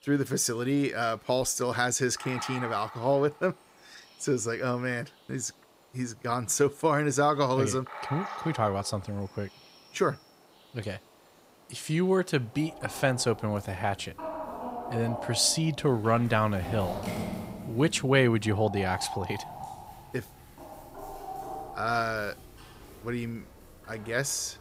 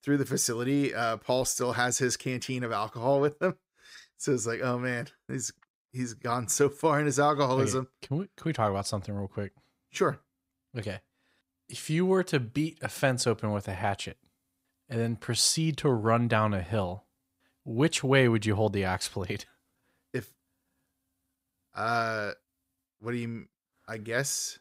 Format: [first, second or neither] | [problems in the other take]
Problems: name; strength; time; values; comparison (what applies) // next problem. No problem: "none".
second | animal sounds; noticeable; throughout; 10 dB below the speech